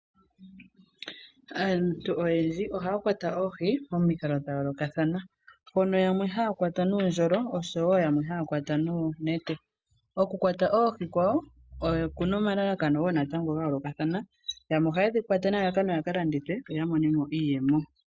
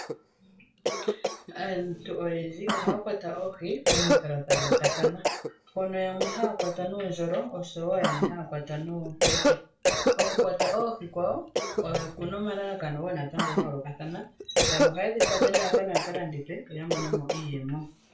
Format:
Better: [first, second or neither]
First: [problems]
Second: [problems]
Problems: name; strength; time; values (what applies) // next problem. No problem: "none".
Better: first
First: none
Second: background sound (Cough); 3 dB above the speech // room echo; dies away in 0.3 s